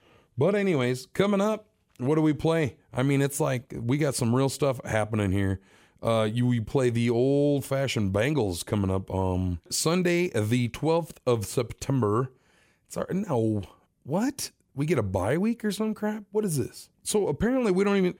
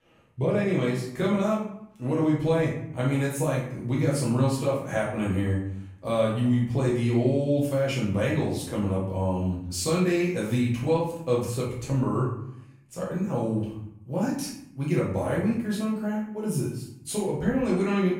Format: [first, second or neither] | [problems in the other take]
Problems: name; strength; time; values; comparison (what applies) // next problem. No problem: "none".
first | off-mic speech; far // room echo; noticeable; dies away in 0.6 s